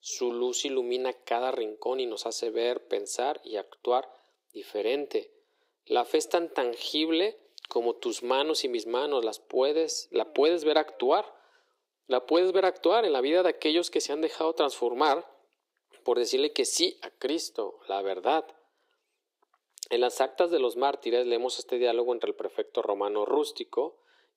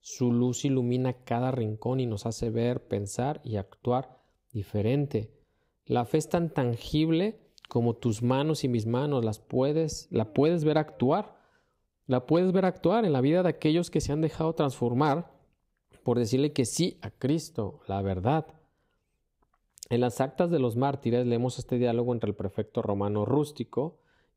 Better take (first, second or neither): second